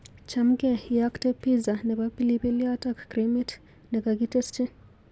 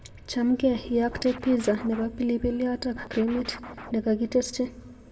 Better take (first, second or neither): first